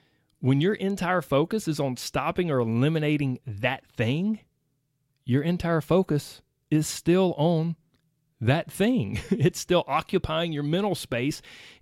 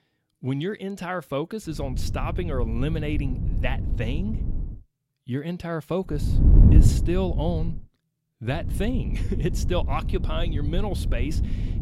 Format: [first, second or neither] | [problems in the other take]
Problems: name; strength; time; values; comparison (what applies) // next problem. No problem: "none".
first | wind noise on the microphone; heavy; from 1.5 to 4.5 s, from 6 to 7.5 s and from 8.5 s on; 7 dB below the speech